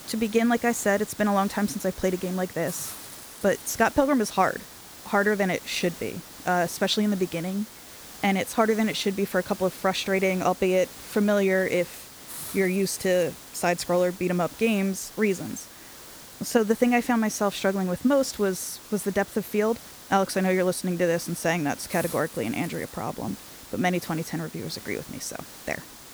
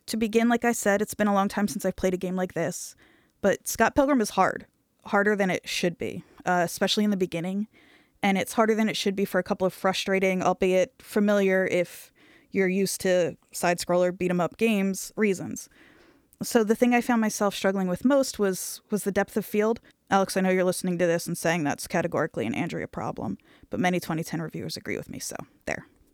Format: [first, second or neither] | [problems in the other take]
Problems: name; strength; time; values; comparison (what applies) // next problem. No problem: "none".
second | hiss; noticeable; throughout; 15 dB below the speech